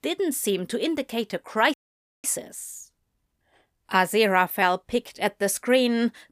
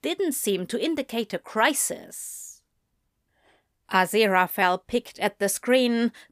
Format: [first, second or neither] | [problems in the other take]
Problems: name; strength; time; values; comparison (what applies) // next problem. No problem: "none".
second | audio freezing; at 1.5 s for 0.5 s